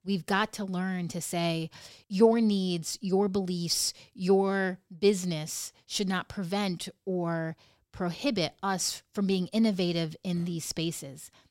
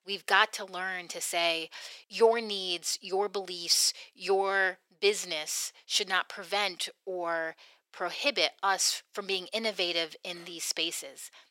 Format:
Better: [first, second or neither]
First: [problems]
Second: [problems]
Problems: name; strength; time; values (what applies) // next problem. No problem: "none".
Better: first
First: none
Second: thin; very; fading below 450 Hz